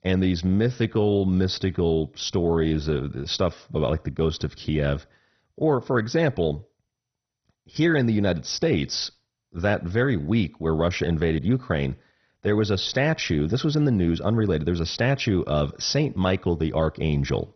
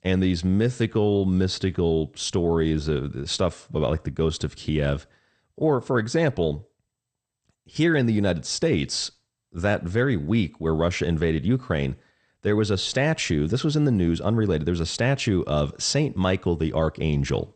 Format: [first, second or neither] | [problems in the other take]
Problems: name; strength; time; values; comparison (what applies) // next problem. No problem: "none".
second | garbled, watery; badly; nothing above 6 kHz; slightly in the second